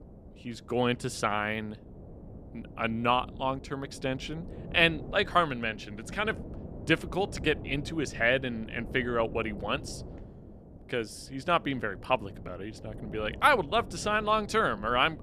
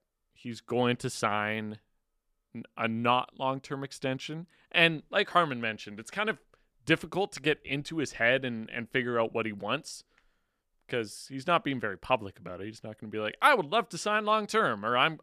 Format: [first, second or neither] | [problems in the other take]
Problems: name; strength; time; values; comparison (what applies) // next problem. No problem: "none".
second | wind noise on the microphone; occasional gusts; 20 dB below the speech